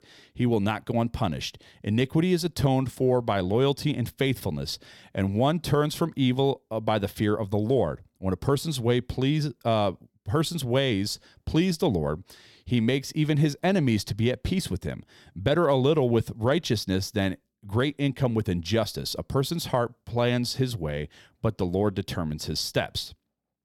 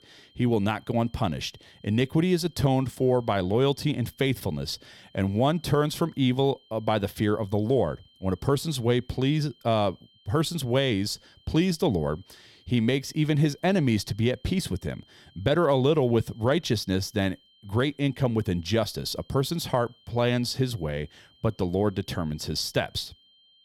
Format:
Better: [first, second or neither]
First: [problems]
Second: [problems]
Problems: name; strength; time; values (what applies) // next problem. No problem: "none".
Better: first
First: none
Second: high-pitched whine; faint; throughout; 3 kHz, 30 dB below the speech